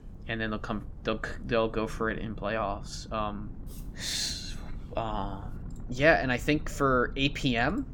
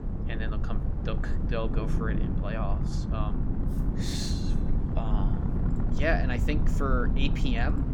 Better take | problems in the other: first | low rumble; loud; throughout; 5 dB below the speech; faint in the first

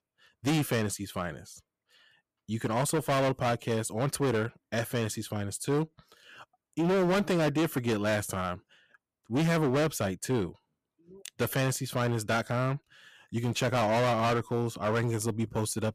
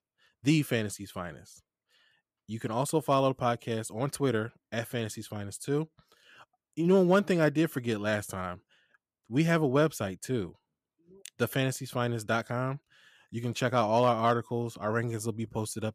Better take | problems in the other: second | distortion; heavy; 13% of the sound clipped

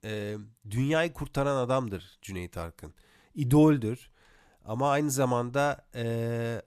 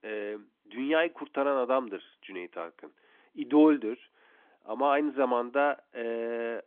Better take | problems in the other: first | phone-call audio; nothing above 3.5 kHz

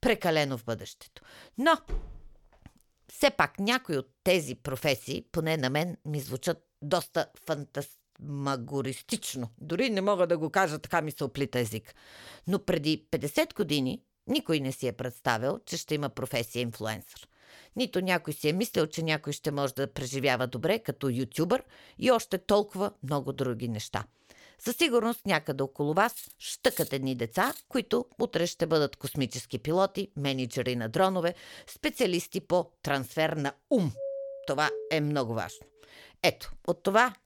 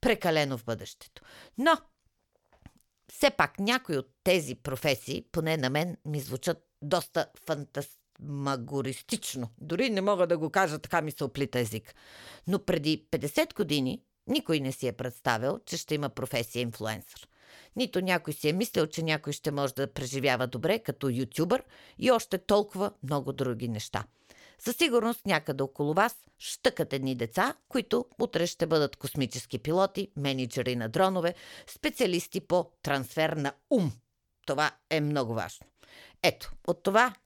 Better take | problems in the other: second | door banging; faint; at 2 s; peak 10 dB below the speech // clattering dishes; noticeable; from 26 to 28 s; peak 7 dB below the speech // doorbell; noticeable; from 34 to 35 s; peak 7 dB below the speech

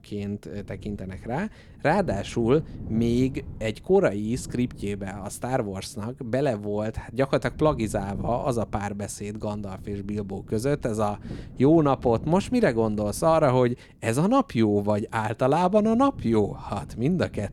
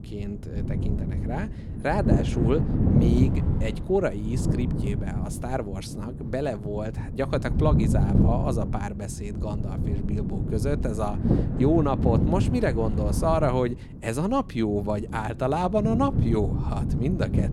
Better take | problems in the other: first | wind noise on the microphone; heavy; 6 dB below the speech; occasional gusts in the first

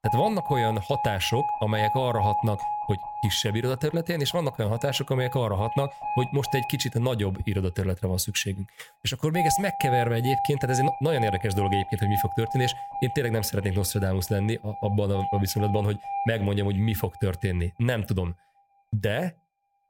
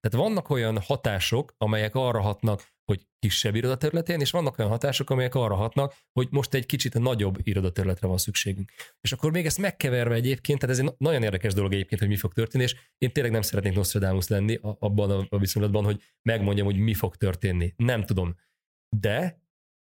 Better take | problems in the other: second | alarms or sirens; loud; throughout; 4 dB below the speech

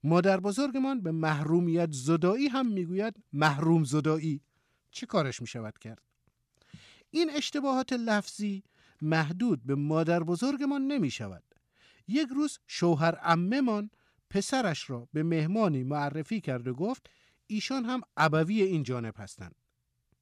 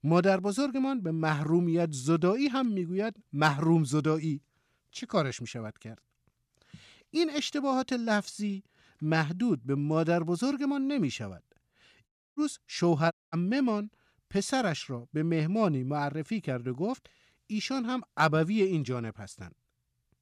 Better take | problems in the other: first | audio cutting out; at 12 s and at 13 s

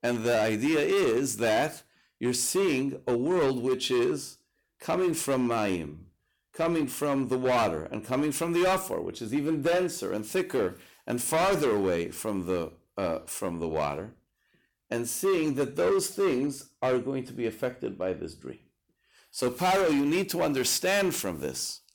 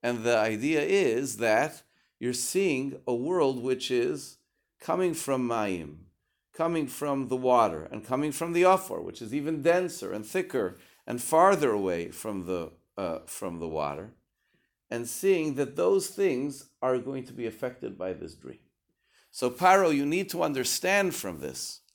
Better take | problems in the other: second | distortion; heavy; 11% of the sound clipped

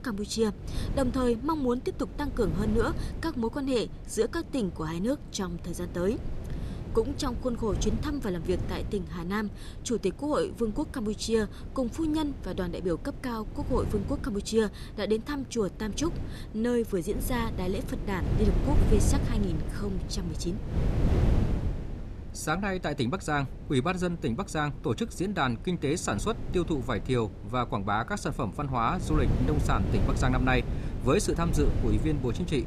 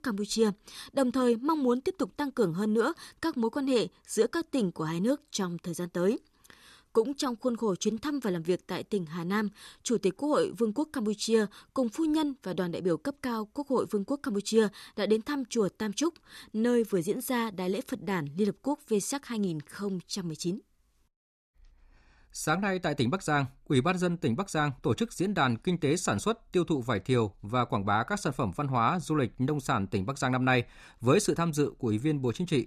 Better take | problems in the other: second | wind noise on the microphone; occasional gusts; 10 dB below the speech

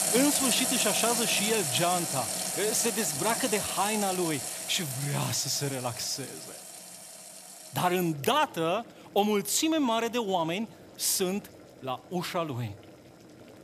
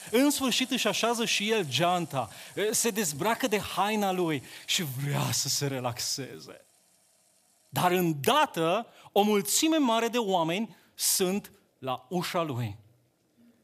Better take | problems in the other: second | household noises; loud; throughout; 1 dB below the speech; faint in the second

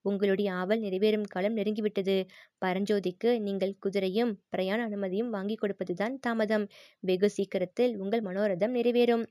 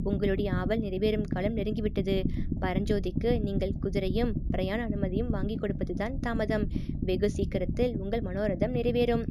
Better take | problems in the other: first | low rumble; loud; throughout; 9 dB below the speech

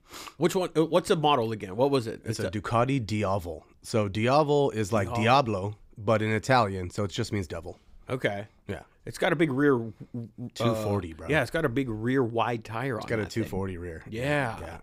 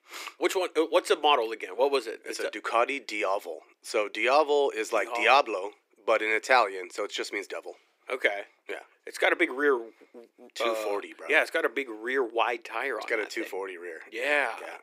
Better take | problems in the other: first | thin; very; fading below 350 Hz

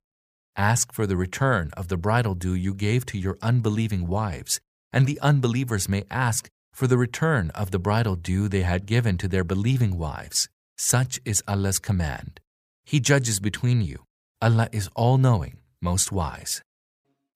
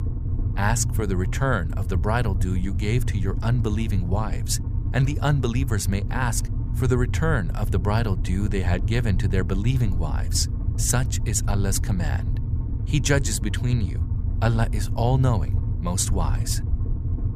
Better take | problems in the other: first | low rumble; noticeable; throughout; 10 dB below the speech

